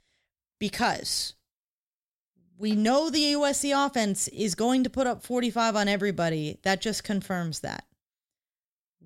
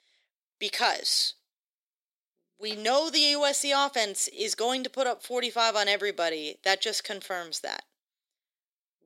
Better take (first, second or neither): first